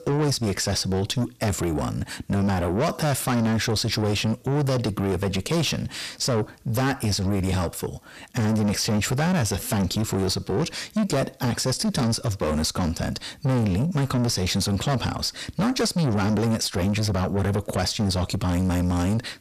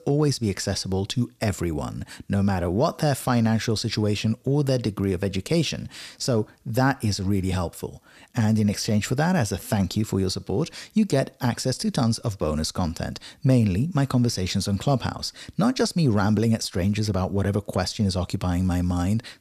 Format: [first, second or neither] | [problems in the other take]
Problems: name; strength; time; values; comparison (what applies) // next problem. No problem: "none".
second | distortion; heavy; 7 dB below the speech